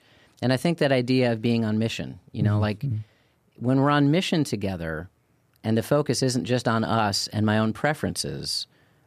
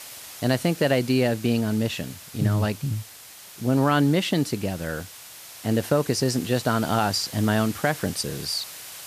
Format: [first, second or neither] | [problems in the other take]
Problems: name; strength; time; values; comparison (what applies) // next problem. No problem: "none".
first | hiss; noticeable; throughout; 15 dB below the speech